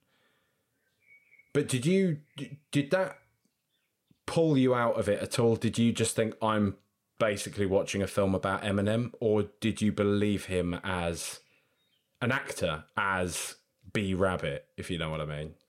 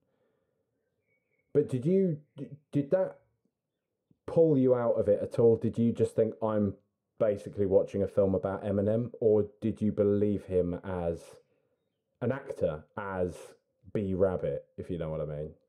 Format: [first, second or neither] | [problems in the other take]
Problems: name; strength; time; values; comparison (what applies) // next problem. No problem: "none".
first | muffled; very; fading above 1.5 kHz